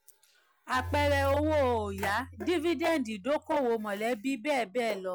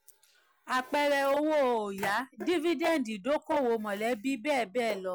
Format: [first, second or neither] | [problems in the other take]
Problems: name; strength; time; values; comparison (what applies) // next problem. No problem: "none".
second | background sound (Marimba, xylophone); 10 dB below the speech